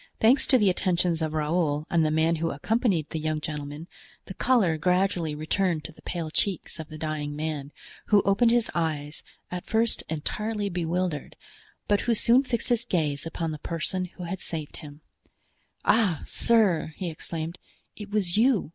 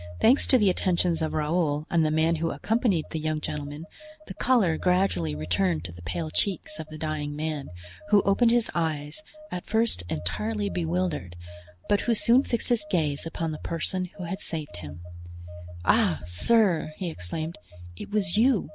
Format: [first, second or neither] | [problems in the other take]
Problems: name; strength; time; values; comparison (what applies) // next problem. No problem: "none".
first | background sound (Telephone); 14 dB below the speech